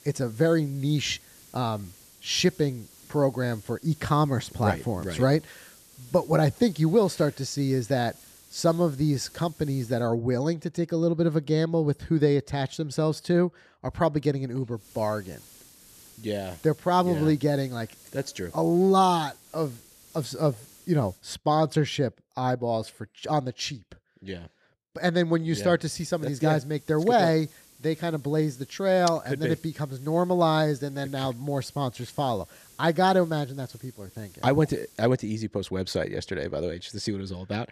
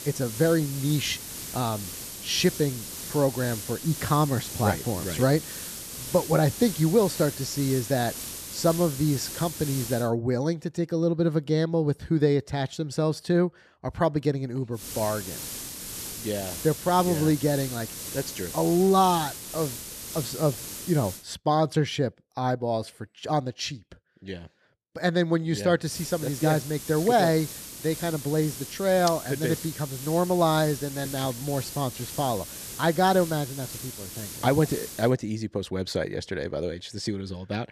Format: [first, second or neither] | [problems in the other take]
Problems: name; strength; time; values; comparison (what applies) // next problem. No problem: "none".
first | hiss; loud; until 10 s, from 15 to 21 s and from 26 to 35 s; 9 dB below the speech; faint in the first